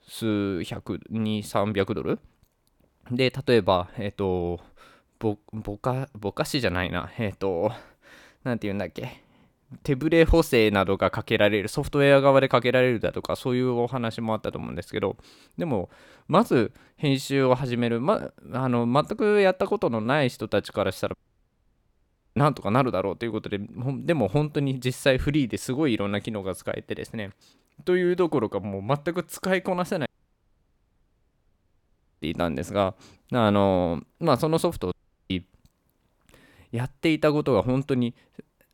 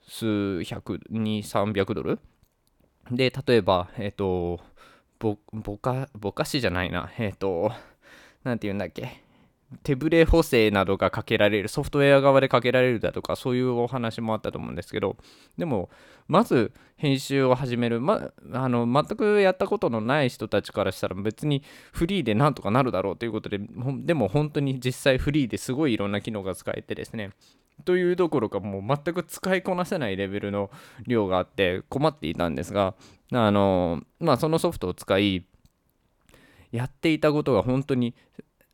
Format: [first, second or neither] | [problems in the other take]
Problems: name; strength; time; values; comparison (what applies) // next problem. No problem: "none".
second | audio cutting out; at 21 s for 1 s, at 30 s for 2 s and at 35 s